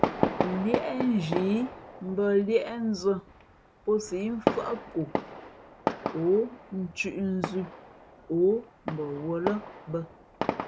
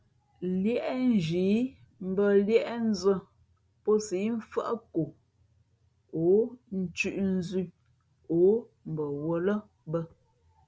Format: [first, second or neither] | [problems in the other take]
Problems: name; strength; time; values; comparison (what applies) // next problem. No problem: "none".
second | background sound (Fireworks); 5 dB below the speech